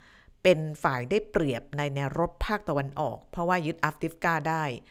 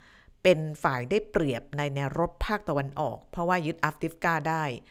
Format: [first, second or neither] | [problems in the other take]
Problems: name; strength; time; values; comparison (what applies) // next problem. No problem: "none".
neither | none